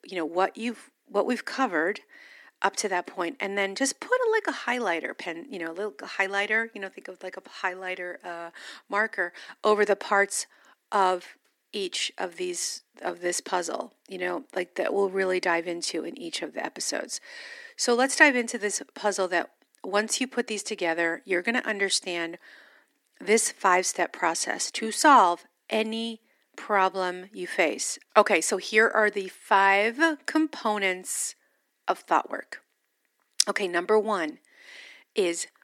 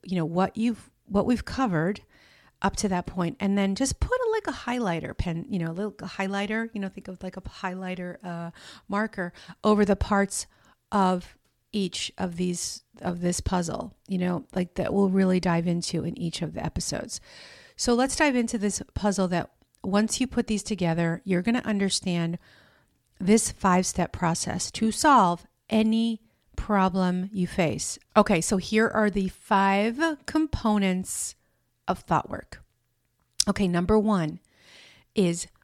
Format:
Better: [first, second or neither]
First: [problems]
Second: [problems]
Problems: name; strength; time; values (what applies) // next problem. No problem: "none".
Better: second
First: thin; somewhat; fading below 250 Hz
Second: none